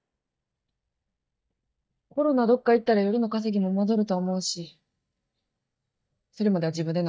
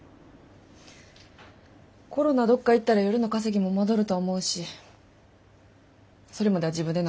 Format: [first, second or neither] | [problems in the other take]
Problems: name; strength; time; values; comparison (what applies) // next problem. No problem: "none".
second | noise reduction (neural mask model DeepFilterNet 3)